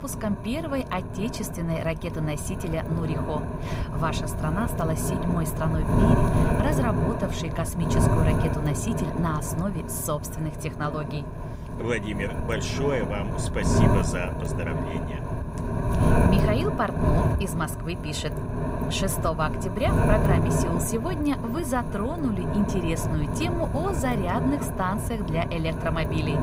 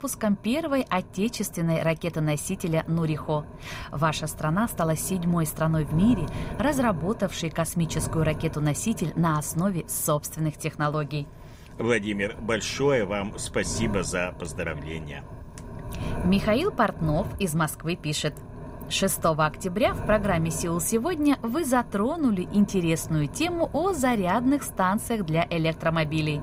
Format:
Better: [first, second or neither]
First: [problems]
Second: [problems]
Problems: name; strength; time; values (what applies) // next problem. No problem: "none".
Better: second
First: wind noise on the microphone; heavy; 1 dB below the speech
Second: wind noise on the microphone; occasional gusts; 15 dB below the speech